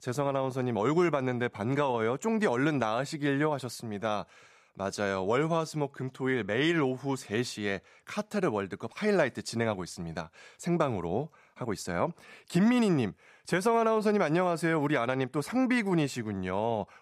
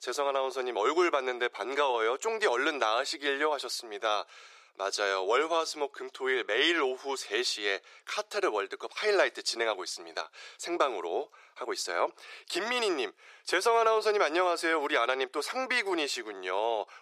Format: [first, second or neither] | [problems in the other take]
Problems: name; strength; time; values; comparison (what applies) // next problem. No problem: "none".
first | thin; very; fading below 350 Hz